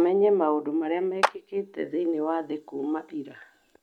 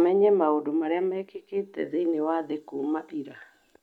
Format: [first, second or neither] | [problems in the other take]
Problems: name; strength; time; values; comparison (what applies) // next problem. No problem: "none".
second | background sound (Clapping); 6 dB below the speech